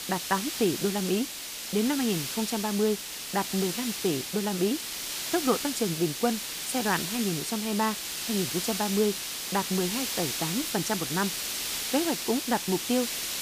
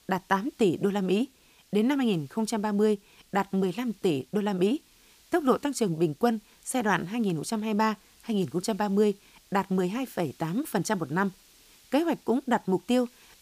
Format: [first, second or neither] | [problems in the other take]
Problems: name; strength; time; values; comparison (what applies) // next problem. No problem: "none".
second | hiss; loud; throughout; 2 dB below the speech; faint in the second